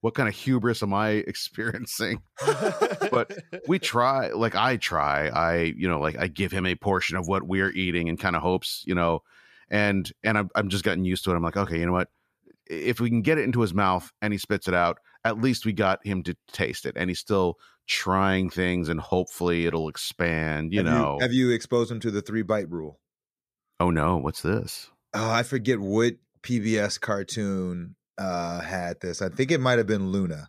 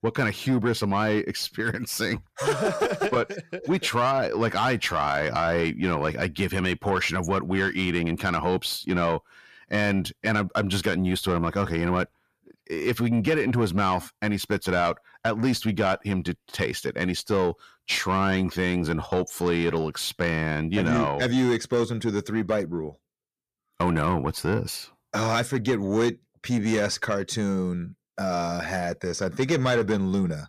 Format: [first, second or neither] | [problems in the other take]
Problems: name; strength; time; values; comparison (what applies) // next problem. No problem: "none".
first | distortion; slight; 10 dB below the speech